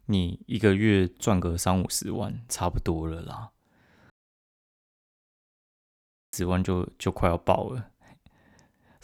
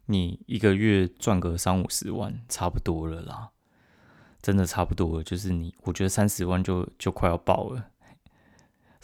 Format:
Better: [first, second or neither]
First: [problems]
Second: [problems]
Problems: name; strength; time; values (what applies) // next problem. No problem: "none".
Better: second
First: audio cutting out; at 4 s for 2 s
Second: none